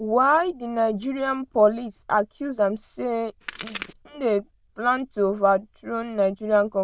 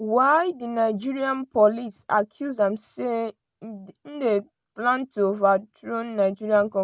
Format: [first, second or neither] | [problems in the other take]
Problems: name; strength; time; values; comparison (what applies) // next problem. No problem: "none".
second | noise reduction (neural diffusion model UNIVERSE++)